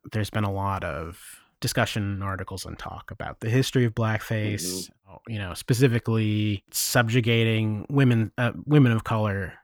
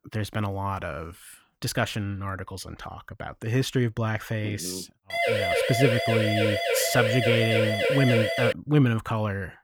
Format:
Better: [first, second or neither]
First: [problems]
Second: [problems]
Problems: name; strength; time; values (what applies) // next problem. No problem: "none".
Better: first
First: none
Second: siren; loud; from 5 to 8.5 s; peak 3 dB above the speech